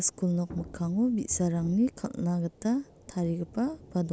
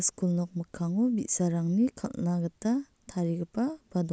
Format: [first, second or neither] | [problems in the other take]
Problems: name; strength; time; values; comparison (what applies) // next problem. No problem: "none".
second | background sound (Thunder / Rain); 20 dB below the speech